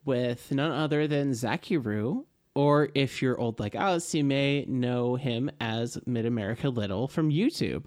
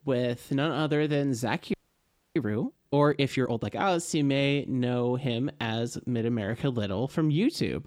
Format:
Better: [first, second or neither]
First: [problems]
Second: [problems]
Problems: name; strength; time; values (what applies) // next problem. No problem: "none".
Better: first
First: none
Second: audio freezing; at 1.5 s for 0.5 s